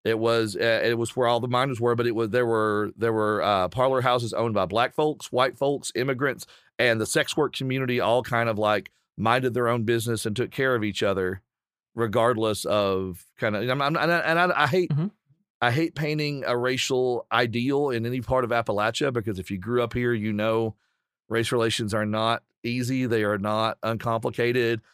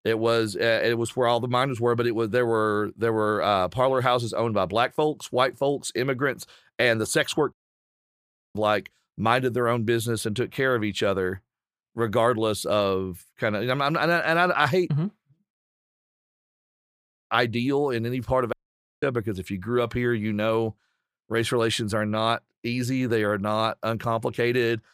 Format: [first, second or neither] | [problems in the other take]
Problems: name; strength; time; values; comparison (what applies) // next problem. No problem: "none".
first | audio cutting out; at 7.5 s for 1 s, at 16 s for 2 s and at 19 s